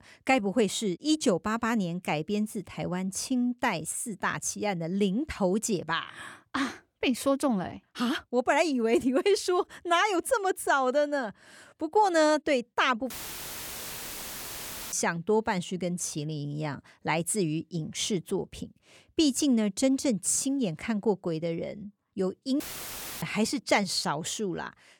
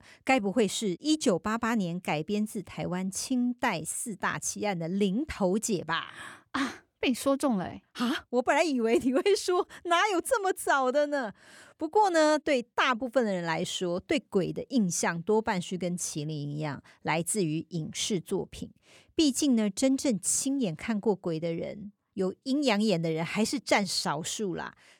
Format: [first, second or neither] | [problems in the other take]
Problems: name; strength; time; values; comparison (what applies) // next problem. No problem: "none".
second | audio cutting out; filled with static; at 13 s for 2 s and at 23 s for 0.5 s